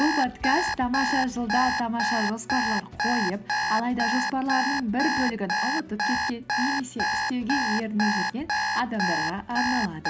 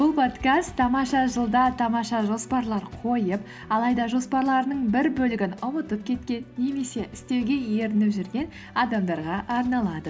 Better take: second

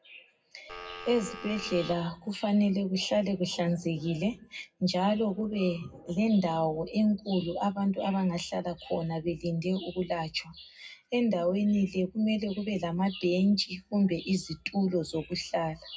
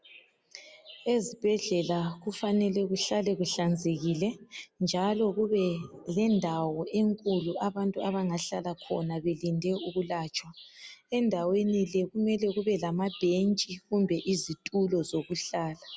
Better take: second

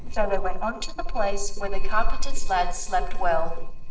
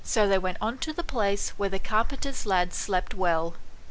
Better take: second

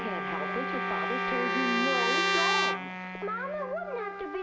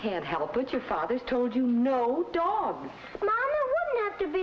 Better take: second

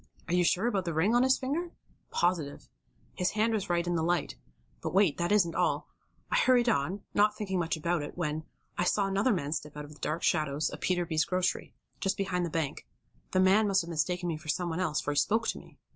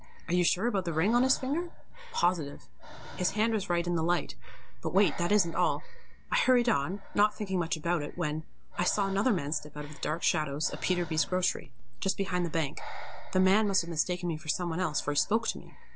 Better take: first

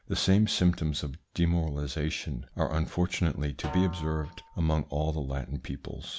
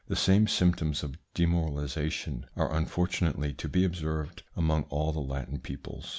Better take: second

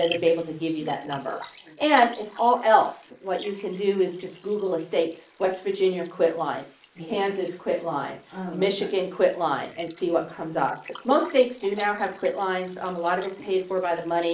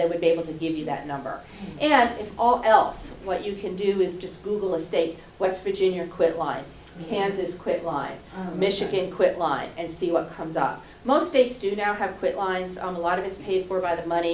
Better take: second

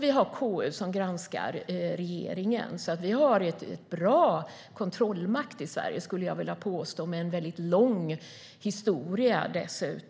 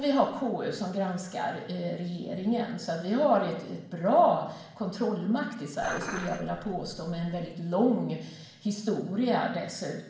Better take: first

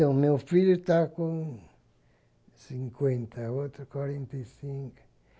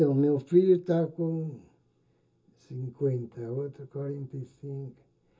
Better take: first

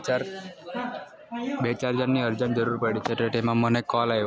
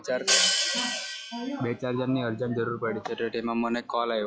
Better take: first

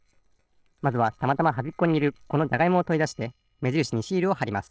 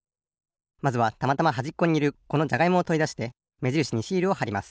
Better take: second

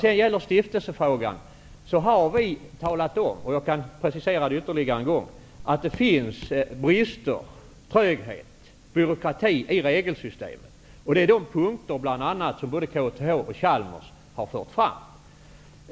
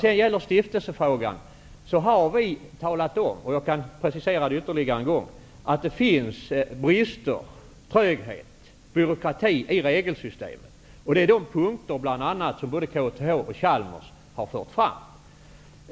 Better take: second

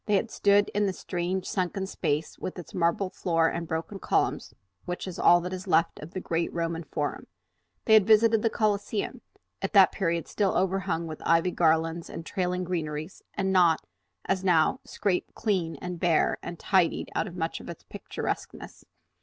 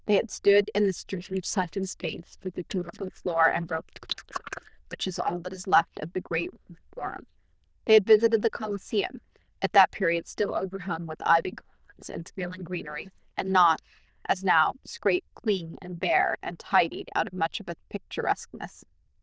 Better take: first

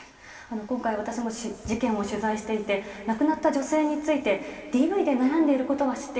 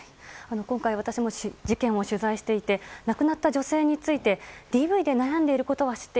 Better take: second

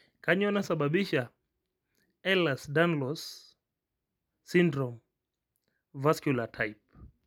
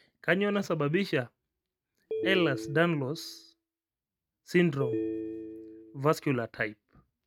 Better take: first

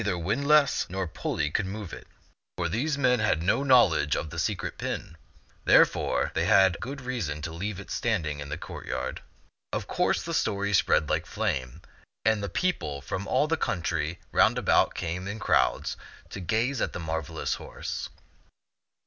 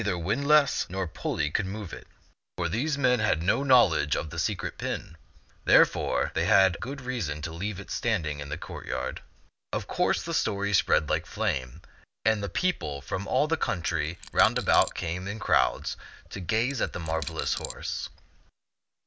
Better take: first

